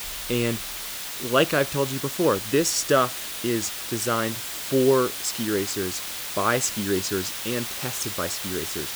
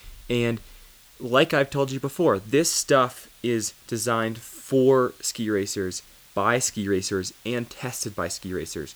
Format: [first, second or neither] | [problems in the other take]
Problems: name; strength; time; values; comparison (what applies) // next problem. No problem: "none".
second | hiss; loud; throughout; 5 dB below the speech; faint in the second